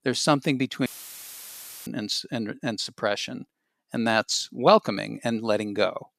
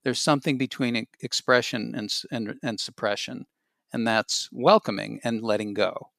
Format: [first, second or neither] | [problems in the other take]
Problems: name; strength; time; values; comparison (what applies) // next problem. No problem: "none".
second | audio cutting out; filled with static; at 1 s for 1 s